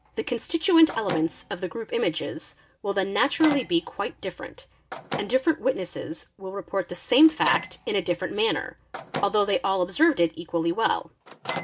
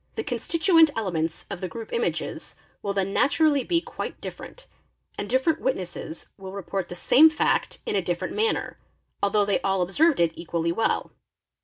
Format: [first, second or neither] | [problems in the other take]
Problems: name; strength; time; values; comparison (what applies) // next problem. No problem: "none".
second | background sound (Microwave oven); 14 dB below the speech